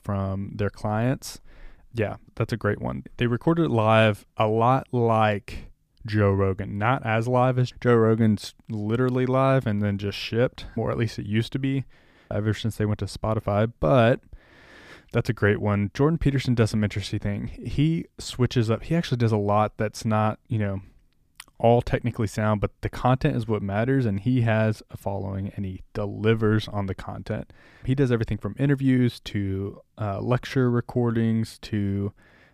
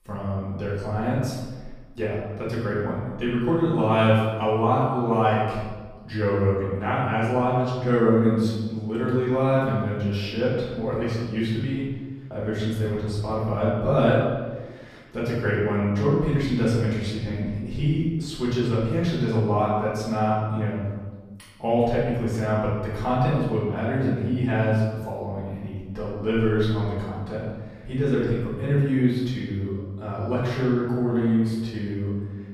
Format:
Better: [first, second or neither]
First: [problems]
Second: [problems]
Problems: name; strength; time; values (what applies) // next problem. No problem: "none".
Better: first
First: none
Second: room echo; noticeable; dies away in 1.1 s // off-mic speech; far